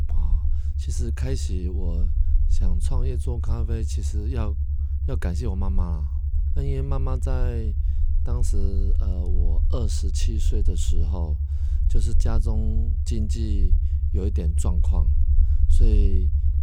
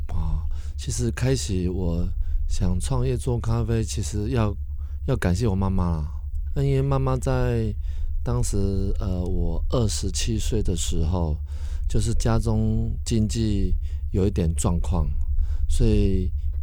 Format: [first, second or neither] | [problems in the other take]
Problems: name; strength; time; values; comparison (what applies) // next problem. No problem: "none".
second | low rumble; loud; throughout; 6 dB below the speech; faint in the second